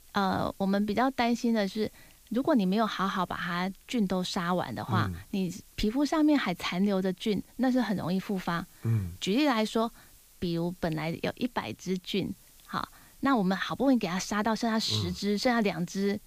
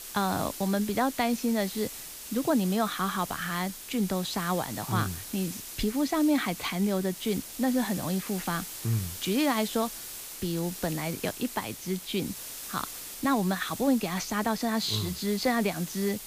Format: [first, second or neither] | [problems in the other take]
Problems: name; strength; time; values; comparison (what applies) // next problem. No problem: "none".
first | hiss; loud; throughout; 9 dB below the speech; faint in the first